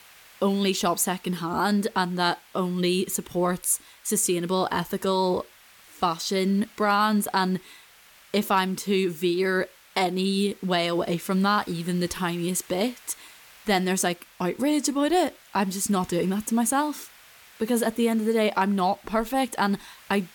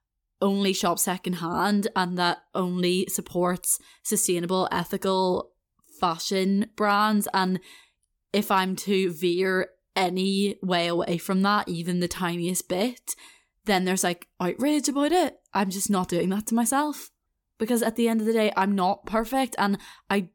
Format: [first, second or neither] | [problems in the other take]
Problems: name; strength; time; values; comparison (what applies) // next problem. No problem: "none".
second | hiss; faint; throughout; 25 dB below the speech